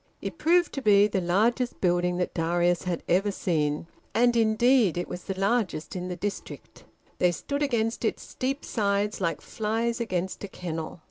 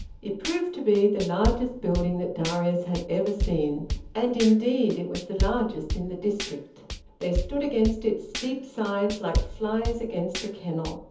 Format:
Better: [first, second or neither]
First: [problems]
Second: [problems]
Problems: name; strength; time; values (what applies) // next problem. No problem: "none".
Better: first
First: none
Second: background sound (Drum / Drum kit); 6 dB below the speech // room echo; dies away in 0.7 s